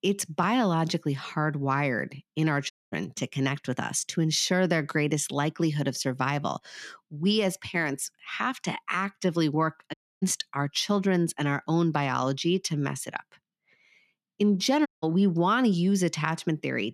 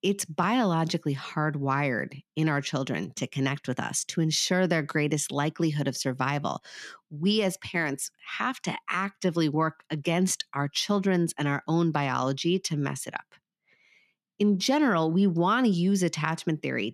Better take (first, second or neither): second